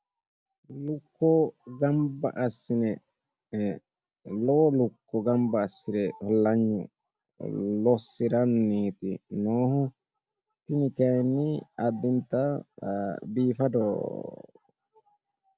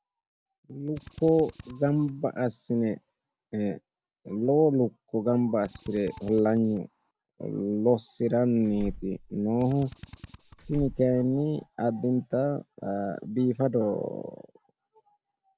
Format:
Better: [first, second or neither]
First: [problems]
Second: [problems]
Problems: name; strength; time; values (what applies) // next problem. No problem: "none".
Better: first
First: none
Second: background sound (Drill + Slam); 17 dB below the speech